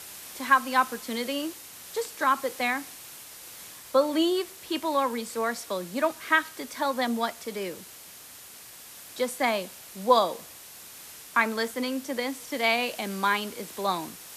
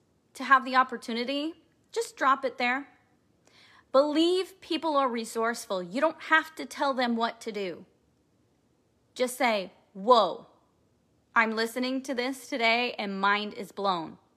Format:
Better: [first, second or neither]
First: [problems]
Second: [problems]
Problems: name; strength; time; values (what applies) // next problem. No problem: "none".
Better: second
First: hiss; noticeable; throughout; 15 dB below the speech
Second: none